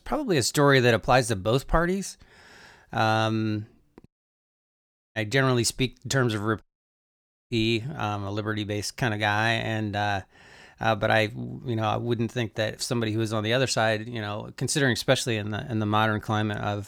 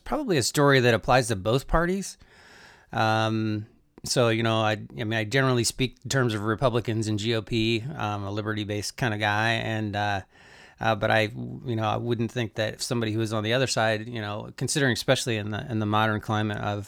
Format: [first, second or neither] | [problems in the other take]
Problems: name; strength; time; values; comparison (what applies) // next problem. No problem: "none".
second | audio cutting out; at 4 s for 1 s and at 6.5 s for 1 s